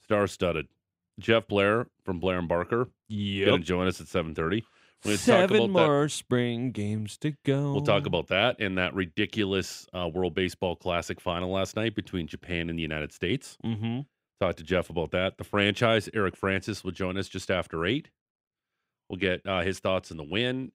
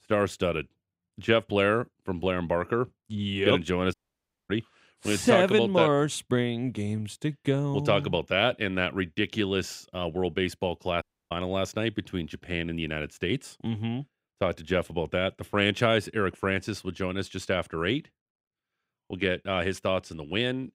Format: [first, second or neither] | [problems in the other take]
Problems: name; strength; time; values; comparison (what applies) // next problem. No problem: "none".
first | audio cutting out; at 4 s for 0.5 s and at 11 s